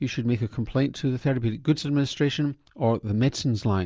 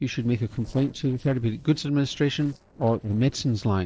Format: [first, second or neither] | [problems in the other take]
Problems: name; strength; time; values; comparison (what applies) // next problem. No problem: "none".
first | noise reduction (neural separator model SepFormer DNS4)